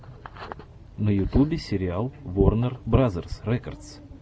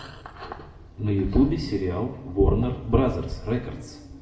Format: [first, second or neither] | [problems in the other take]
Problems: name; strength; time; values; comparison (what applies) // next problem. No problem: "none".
first | room echo; dies away in 0.8 s